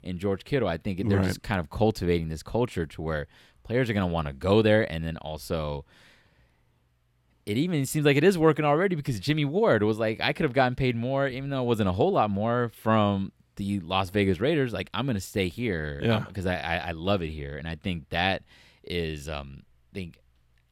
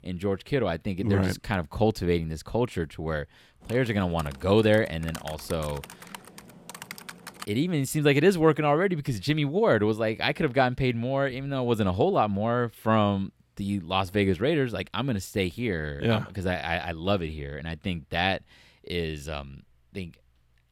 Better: first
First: none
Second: keyboard typing; faint; from 3.5 to 7.5 s; peak 15 dB below the speech

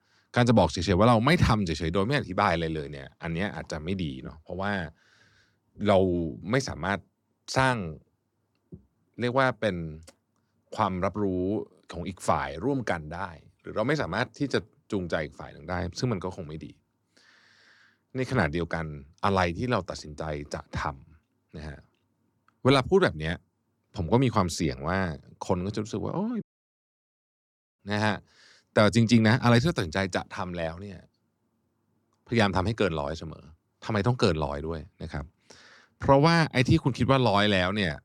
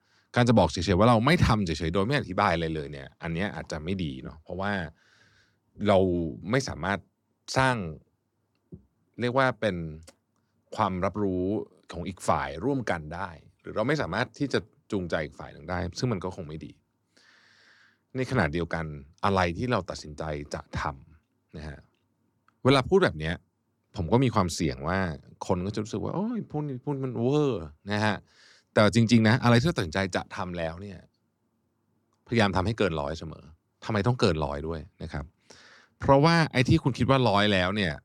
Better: second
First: audio cutting out; at 26 s for 1.5 s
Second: none

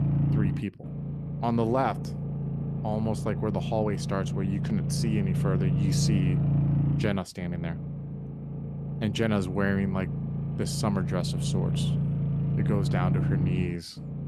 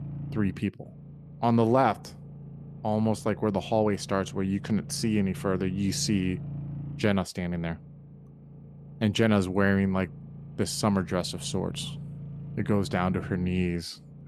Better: second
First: low rumble; loud; throughout; 6 dB below the speech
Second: low rumble; faint; throughout; 20 dB below the speech

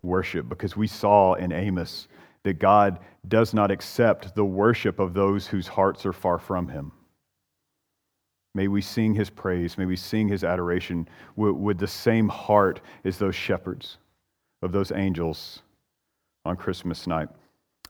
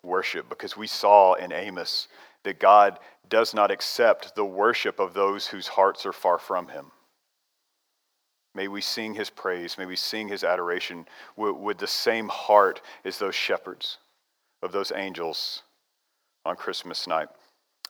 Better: first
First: none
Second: thin; very; fading below 600 Hz

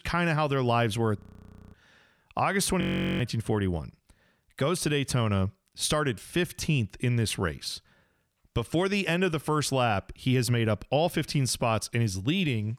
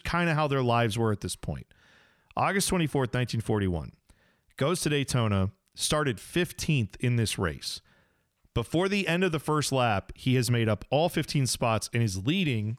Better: second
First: audio freezing; at 1 s for 0.5 s and at 3 s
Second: none

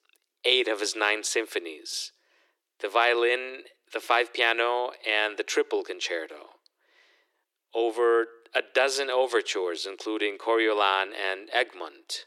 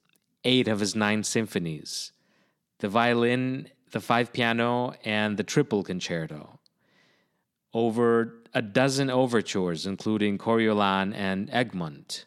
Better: second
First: thin; very; fading below 350 Hz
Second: none

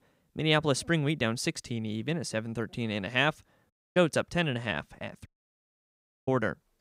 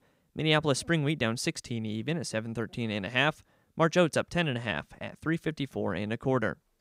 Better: second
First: audio cutting out; at 3.5 s and at 5.5 s for 1 s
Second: none

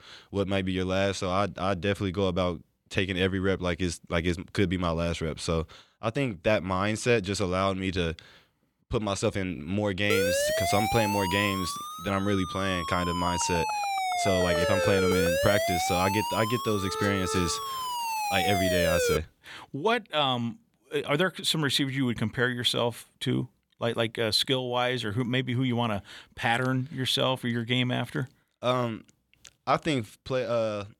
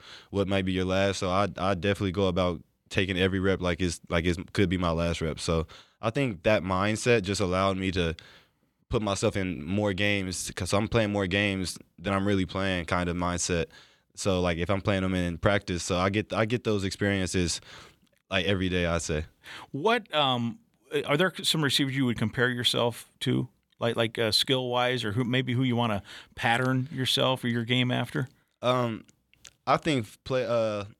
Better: second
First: siren; loud; from 10 to 19 s; peak 3 dB above the speech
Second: none

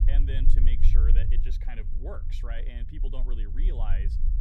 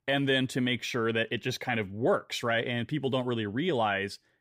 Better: second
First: low rumble; loud; throughout; 5 dB below the speech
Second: none

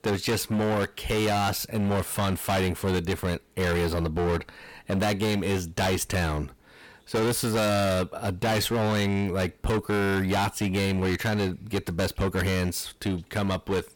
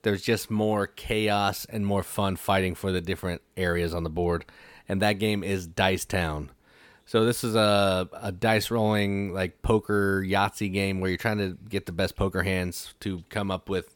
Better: second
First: distortion; heavy; 24% of the sound clipped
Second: none

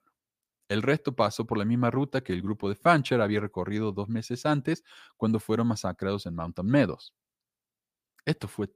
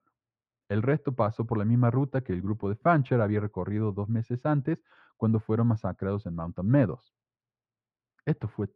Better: first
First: none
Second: muffled; very; fading above 1.5 kHz

